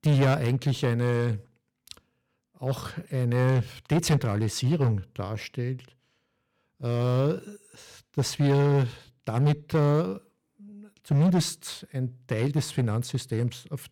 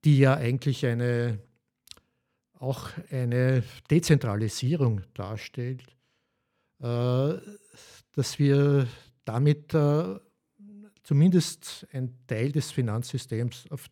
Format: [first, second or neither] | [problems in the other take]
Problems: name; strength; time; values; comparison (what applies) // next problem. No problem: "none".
second | distortion; slight; 6% of the sound clipped